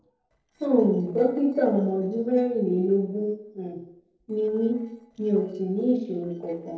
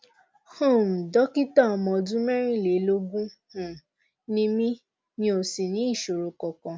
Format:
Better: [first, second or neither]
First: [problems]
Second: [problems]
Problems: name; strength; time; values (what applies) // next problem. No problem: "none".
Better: second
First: noise reduction (neural separator model SepFormer DNS4)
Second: none